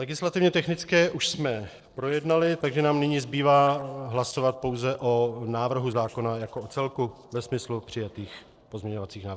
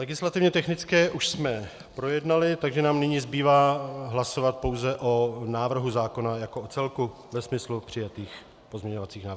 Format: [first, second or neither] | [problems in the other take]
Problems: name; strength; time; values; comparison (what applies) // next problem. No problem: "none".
second | noise reduction (neural separator model SepFormer DNS4)